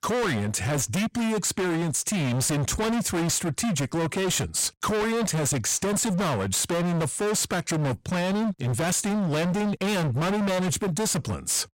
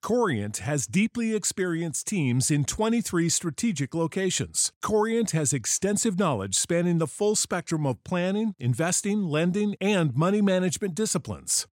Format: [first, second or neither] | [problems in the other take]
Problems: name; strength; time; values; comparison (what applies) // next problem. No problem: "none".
second | distortion; heavy; 48% of the sound clipped